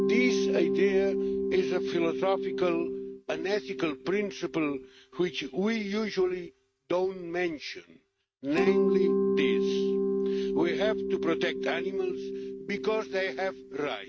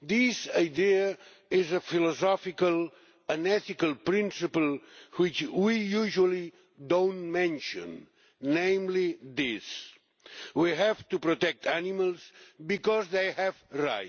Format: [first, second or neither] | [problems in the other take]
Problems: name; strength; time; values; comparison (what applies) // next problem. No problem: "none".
second | noise reduction (neural mask model RNNoise)